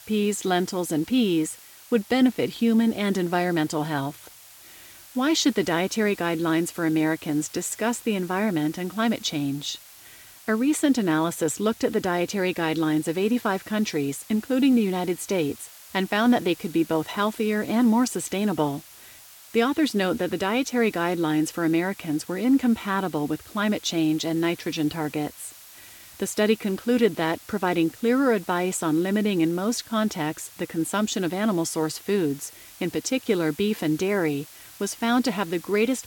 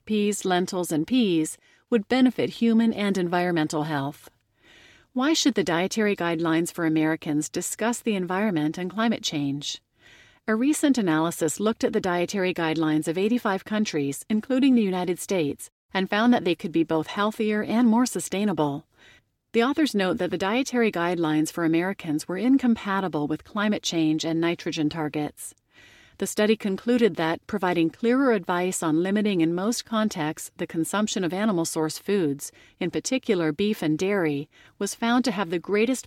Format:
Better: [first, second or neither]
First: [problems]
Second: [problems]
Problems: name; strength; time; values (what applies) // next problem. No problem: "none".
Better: second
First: hiss; noticeable; throughout; 20 dB below the speech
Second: none